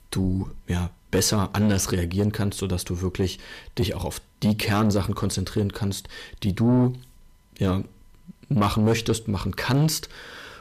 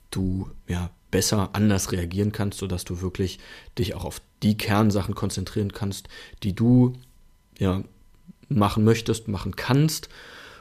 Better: second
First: distortion; slight; 10 dB below the speech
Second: none

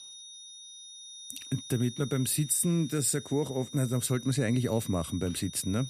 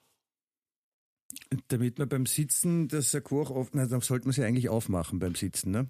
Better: second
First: high-pitched whine; noticeable; throughout; 3.5 kHz, 15 dB below the speech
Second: none

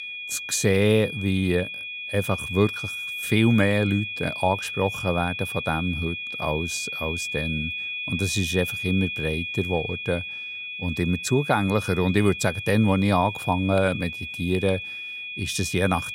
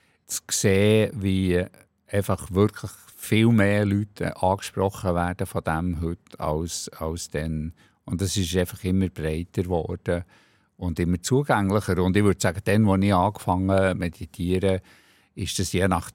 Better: second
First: high-pitched whine; loud; throughout; 2.5 kHz, 6 dB below the speech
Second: none

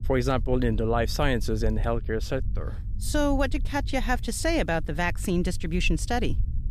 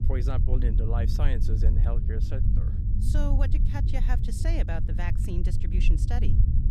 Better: first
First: low rumble; faint; throughout; 25 dB below the speech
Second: low rumble; loud; throughout; 4 dB below the speech

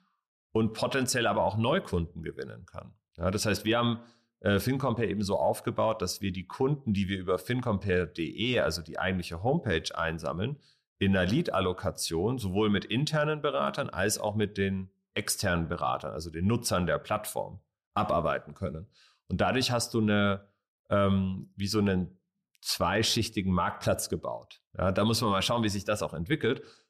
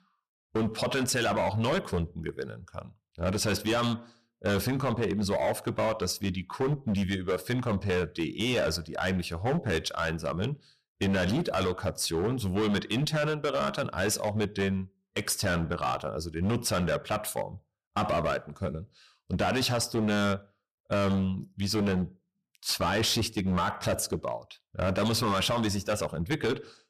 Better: first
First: none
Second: distortion; slight; 14% of the sound clipped

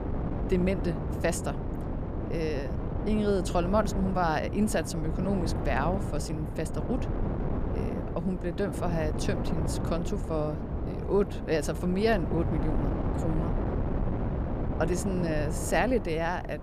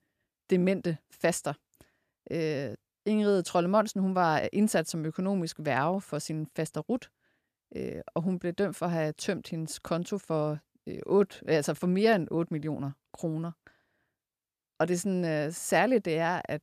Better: second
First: wind noise on the microphone; heavy; 7 dB below the speech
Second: none

